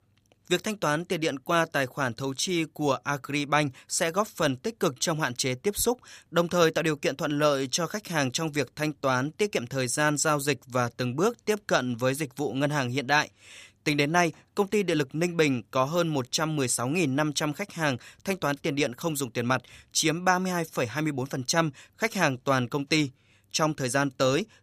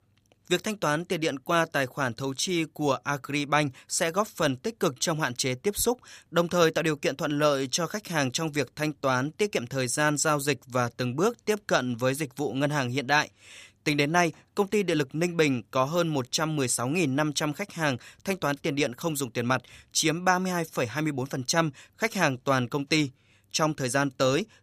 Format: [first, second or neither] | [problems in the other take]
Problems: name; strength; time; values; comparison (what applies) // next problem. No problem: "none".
neither | none